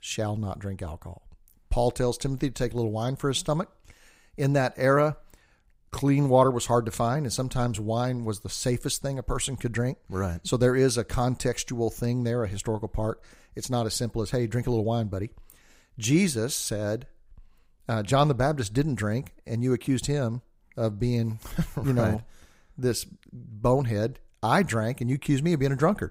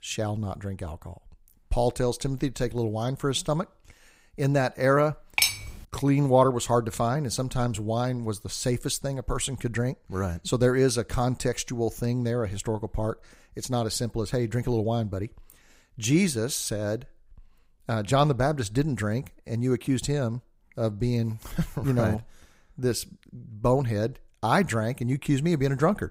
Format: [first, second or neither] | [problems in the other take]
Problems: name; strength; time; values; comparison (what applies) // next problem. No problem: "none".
first | clattering dishes; loud; at 5.5 s; peak 4 dB above the speech